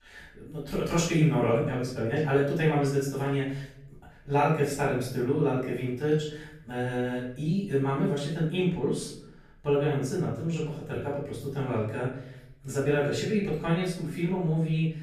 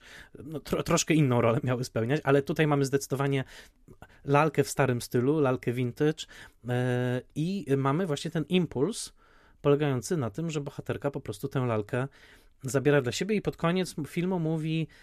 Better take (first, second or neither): second